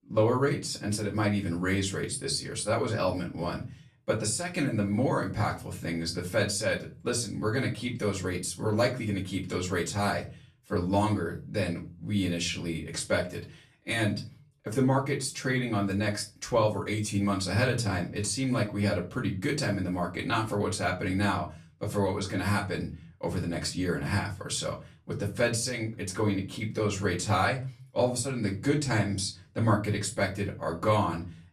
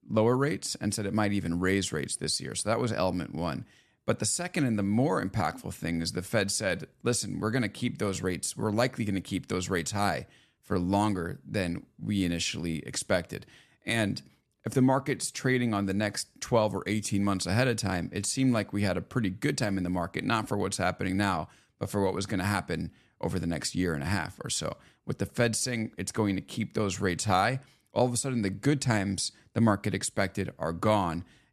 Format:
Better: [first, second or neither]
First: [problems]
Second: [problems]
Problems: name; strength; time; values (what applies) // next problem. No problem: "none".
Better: second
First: off-mic speech; far // room echo; very slight; dies away in 0.3 s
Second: none